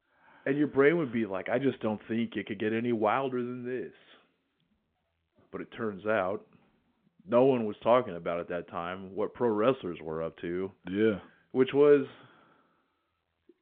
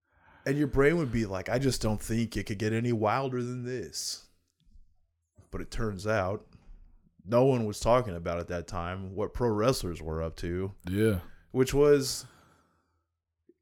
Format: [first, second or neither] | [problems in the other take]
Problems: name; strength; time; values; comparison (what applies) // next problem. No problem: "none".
second | phone-call audio